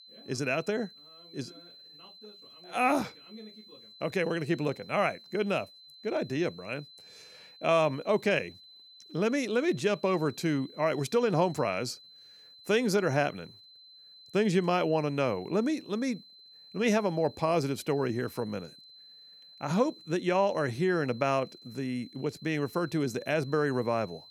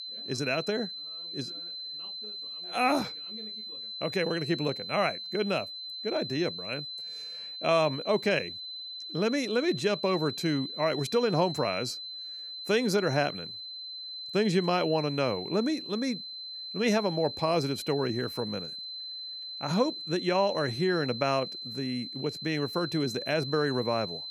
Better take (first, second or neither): first